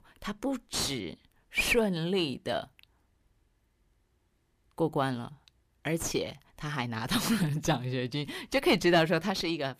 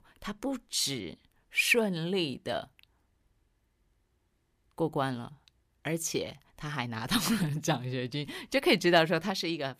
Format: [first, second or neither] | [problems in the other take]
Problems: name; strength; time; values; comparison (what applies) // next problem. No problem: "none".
second | distortion; slight; 8 dB below the speech